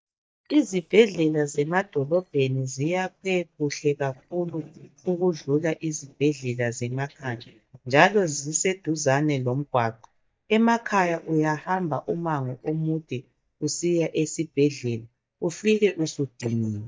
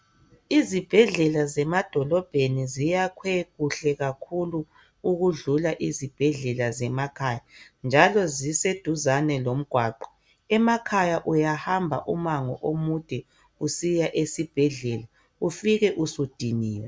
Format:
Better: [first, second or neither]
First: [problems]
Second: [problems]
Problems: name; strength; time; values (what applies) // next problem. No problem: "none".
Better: second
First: noise reduction (neural mask model DeepFilterNet 3)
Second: none